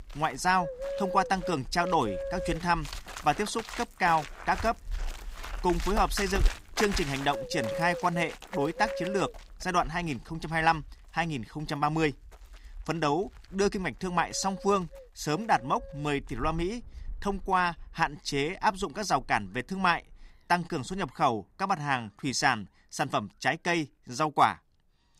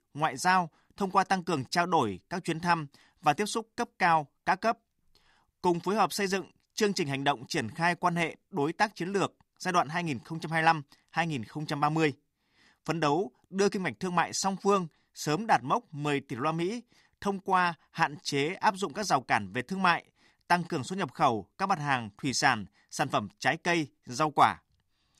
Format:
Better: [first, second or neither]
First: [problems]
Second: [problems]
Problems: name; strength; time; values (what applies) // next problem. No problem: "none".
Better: second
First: animal sounds; loud; throughout; 9 dB below the speech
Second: none